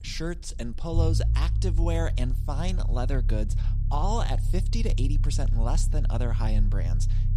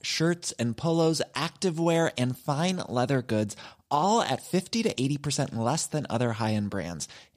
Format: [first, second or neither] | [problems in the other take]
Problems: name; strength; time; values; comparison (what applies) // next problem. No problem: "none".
second | low rumble; loud; throughout; 10 dB below the speech